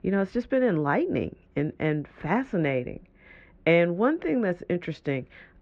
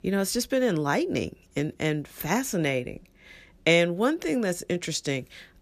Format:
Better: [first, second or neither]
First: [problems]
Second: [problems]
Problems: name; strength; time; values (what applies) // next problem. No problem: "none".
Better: second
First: muffled; very; fading above 2 kHz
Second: none